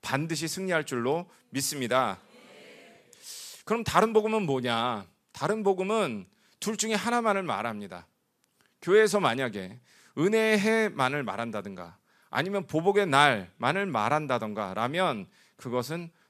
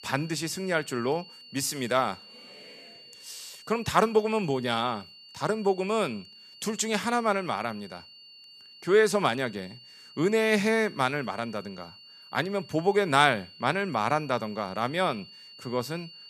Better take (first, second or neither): first